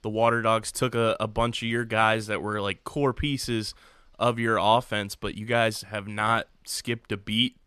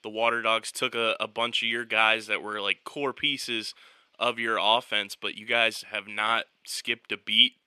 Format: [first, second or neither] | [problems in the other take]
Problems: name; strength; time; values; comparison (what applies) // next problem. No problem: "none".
first | thin; somewhat; fading below 300 Hz